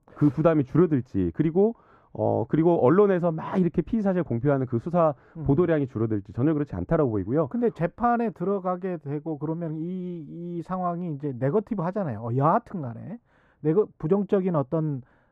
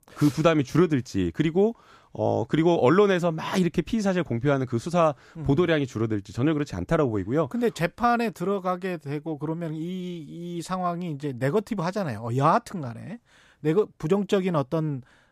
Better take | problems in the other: second | muffled; very; fading above 2.5 kHz

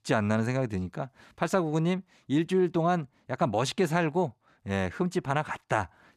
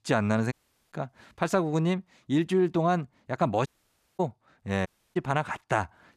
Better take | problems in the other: first | audio cutting out; at 0.5 s, at 3.5 s for 0.5 s and at 5 s

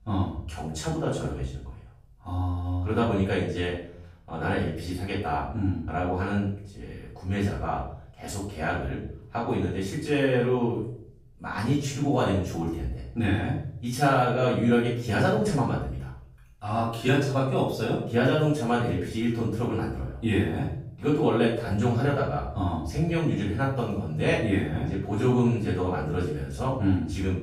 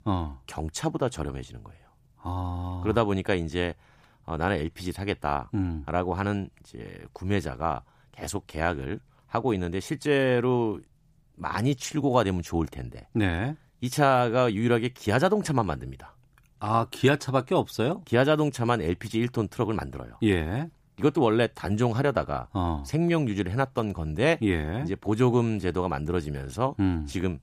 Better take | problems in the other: second | off-mic speech; far // room echo; noticeable; dies away in 0.6 s

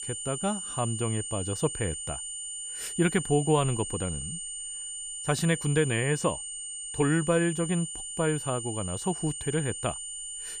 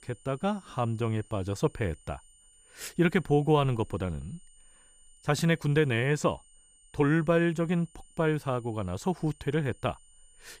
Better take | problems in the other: second | high-pitched whine; loud; throughout; 9 kHz, 5 dB below the speech; faint in the second

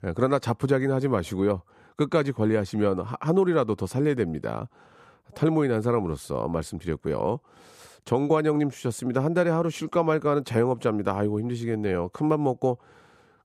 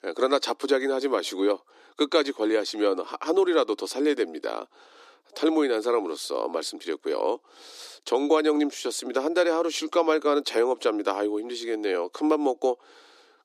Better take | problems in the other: first | thin; somewhat; fading below 300 Hz

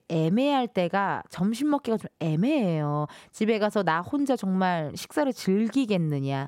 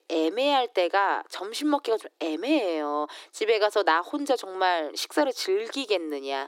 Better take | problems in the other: first | thin; somewhat; fading below 300 Hz

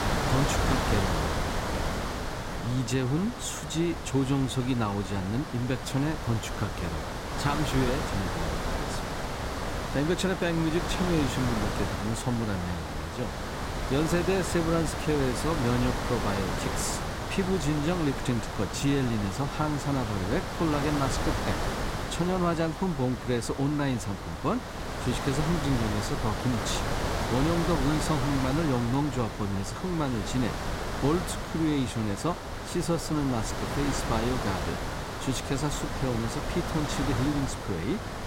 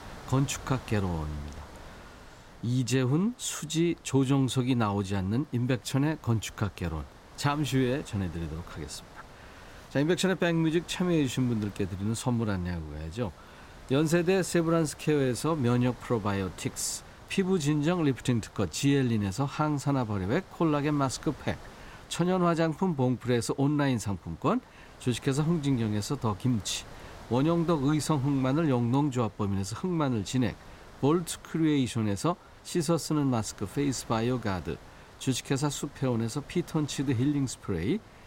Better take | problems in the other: second | wind noise on the microphone; heavy; as loud as the speech; occasional gusts in the second

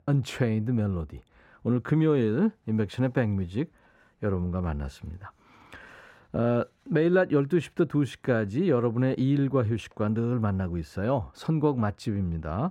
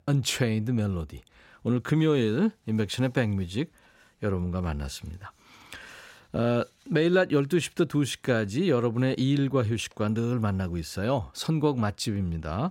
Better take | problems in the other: second | muffled; slightly; fading above 2.5 kHz

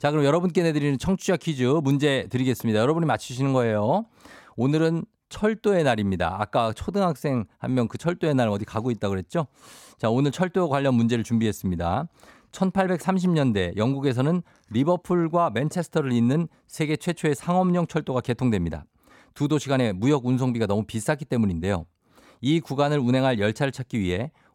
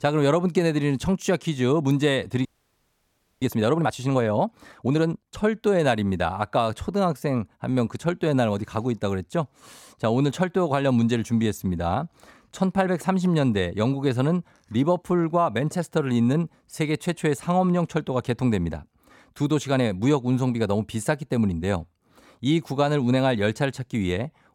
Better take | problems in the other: first | audio freezing; at 2.5 s for 1 s

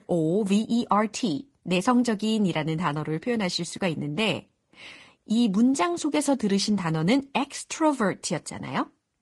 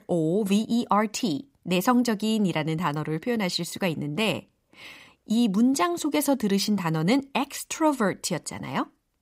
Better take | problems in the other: second | garbled, watery; slightly; nothing above 10.5 kHz

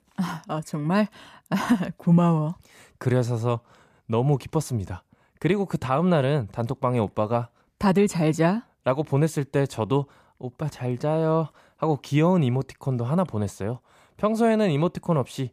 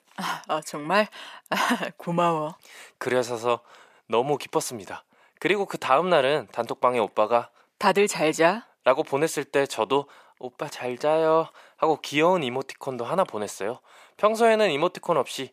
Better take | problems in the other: first | thin; very; fading below 450 Hz

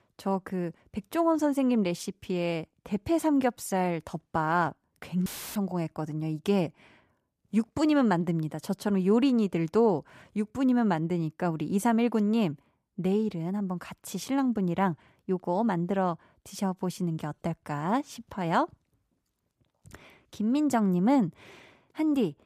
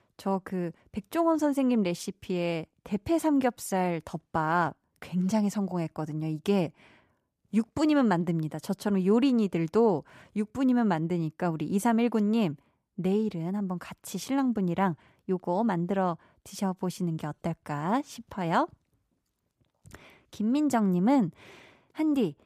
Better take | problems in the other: second | audio cutting out; filled with static; at 5.5 s

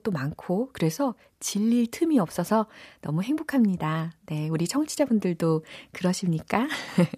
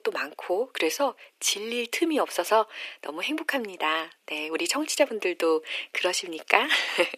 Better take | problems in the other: first | thin; very; fading below 350 Hz

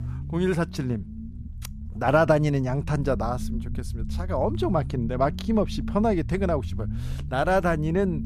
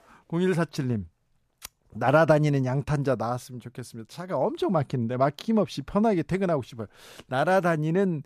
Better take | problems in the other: second | low rumble; noticeable; throughout; 20 dB below the speech

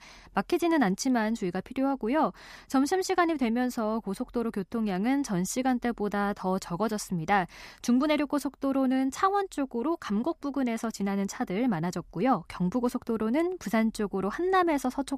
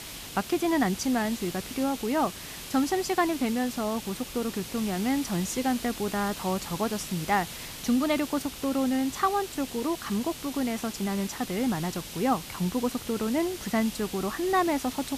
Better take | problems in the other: first | hiss; loud; throughout; 10 dB below the speech

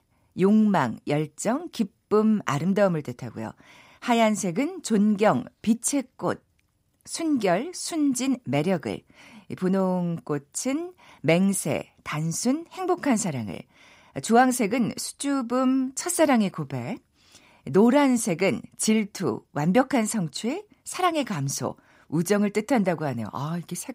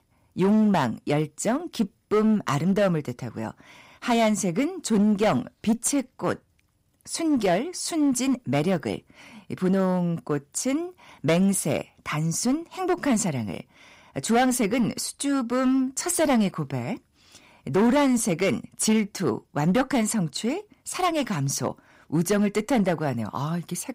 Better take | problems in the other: first | distortion; slight; 7% of the sound clipped

